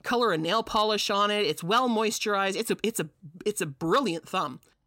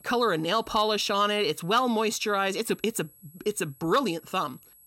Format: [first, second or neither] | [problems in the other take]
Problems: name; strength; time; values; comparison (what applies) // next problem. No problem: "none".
first | high-pitched whine; faint; throughout; 11.5 kHz, 25 dB below the speech